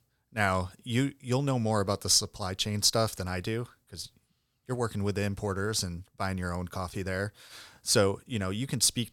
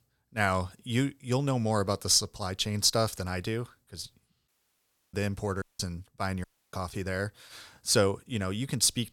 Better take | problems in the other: first | audio cutting out; at 4.5 s for 0.5 s, at 5.5 s and at 6.5 s

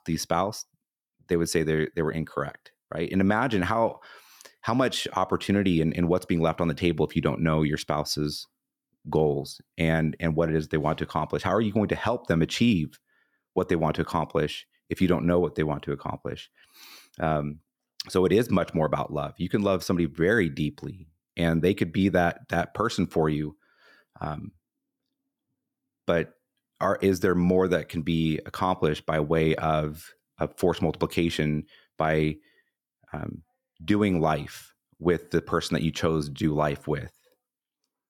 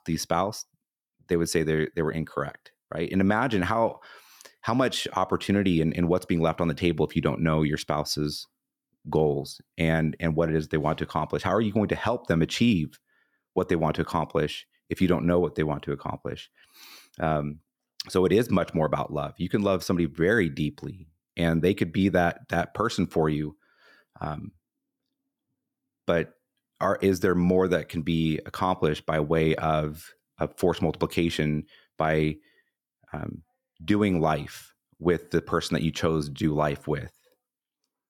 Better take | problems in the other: neither | none

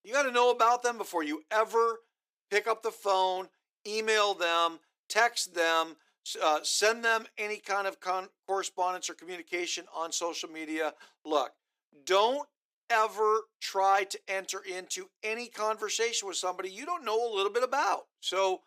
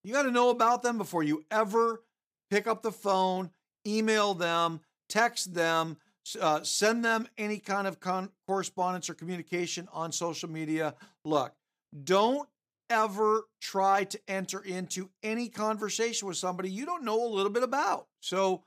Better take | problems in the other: second | thin; somewhat; fading below 350 Hz

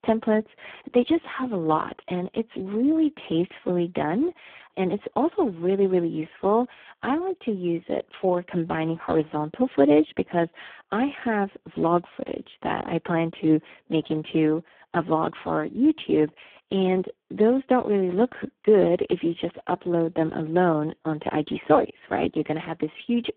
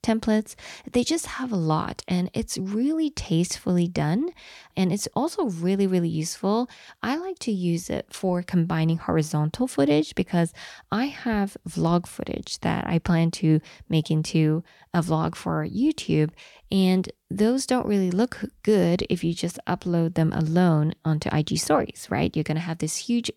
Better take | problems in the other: second | phone-call audio; poor line

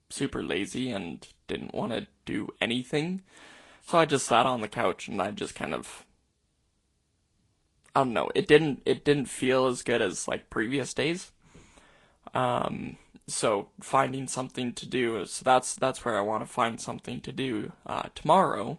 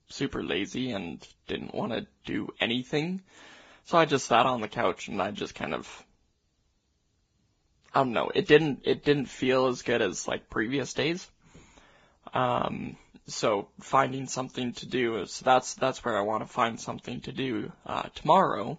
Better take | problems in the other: first | garbled, watery; badly; nothing above 7.5 kHz; slightly in the first

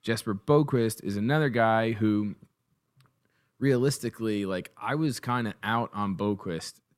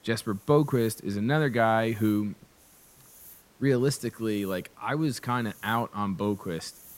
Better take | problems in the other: first | hiss; faint; throughout; 25 dB below the speech

